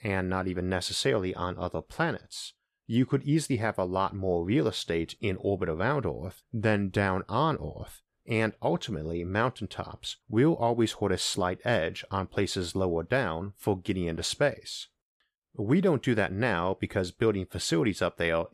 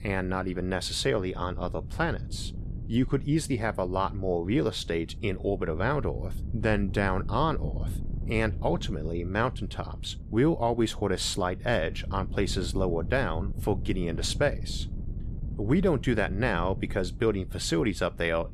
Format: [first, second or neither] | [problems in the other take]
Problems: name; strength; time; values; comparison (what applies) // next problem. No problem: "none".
first | wind noise on the microphone; occasional gusts; 20 dB below the speech